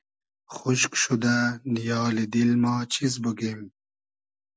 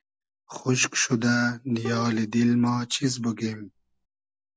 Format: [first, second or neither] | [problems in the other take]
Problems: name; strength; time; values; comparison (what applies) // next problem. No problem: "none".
first | background sound (Bowed string instrument); 19 dB below the speech